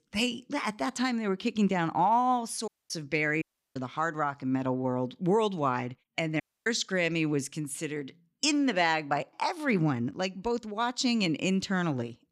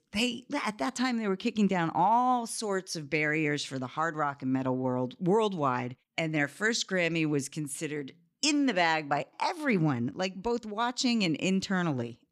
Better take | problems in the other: second | audio cutting out; at 2.5 s, at 3.5 s and at 6.5 s

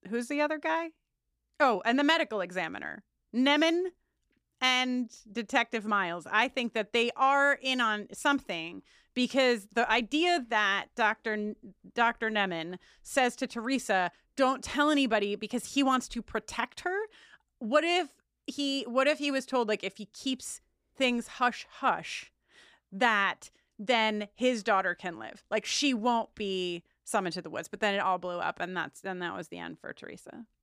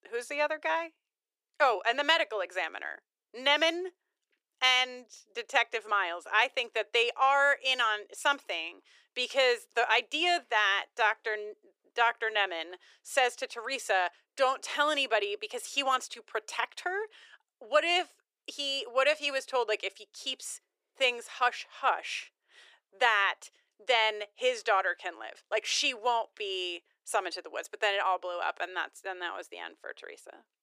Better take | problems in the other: first | thin; very; fading below 400 Hz

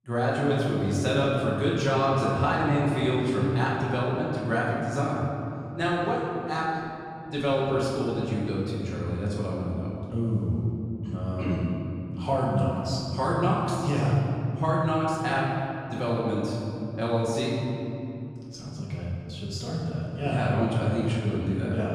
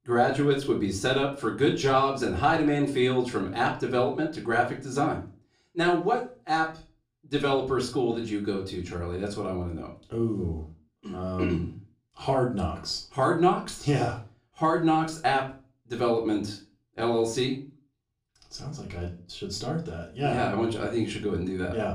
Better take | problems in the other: second | room echo; strong; dies away in 3 s; slight in the second // off-mic speech; far; far in the second

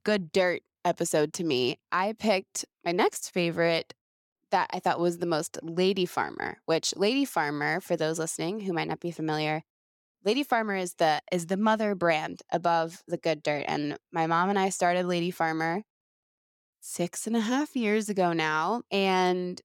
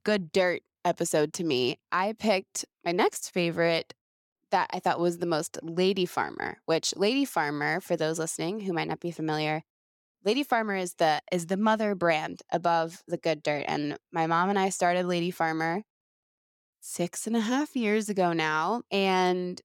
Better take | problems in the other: neither | none

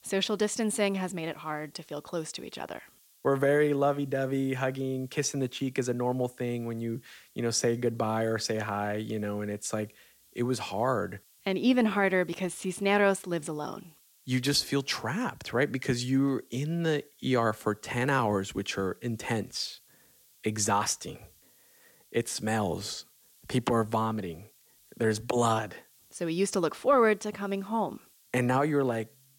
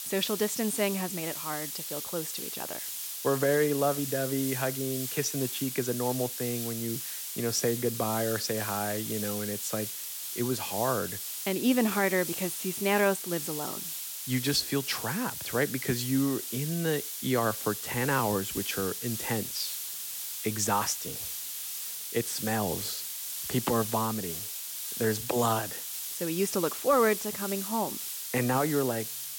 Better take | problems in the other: first | hiss; loud; throughout; 4 dB below the speech; faint in the first

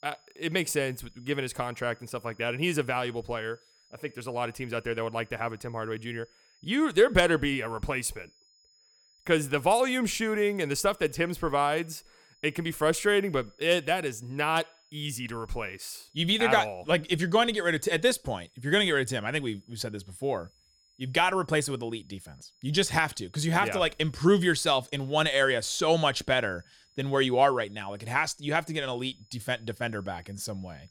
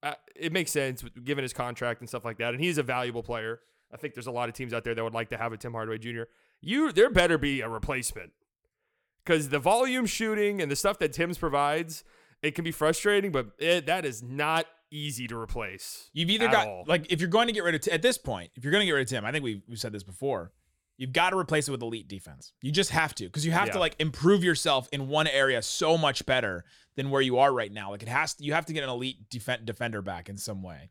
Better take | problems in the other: second | high-pitched whine; faint; throughout; 5 kHz, 35 dB below the speech

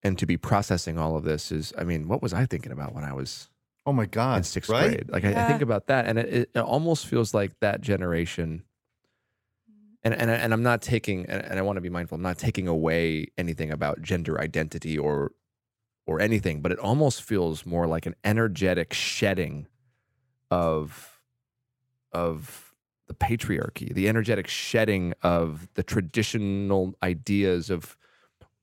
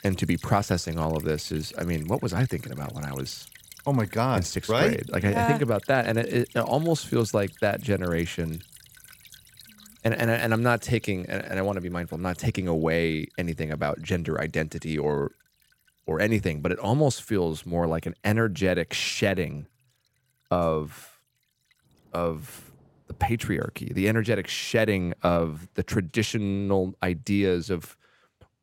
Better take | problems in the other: first | rain or running water; faint; throughout; 20 dB below the speech

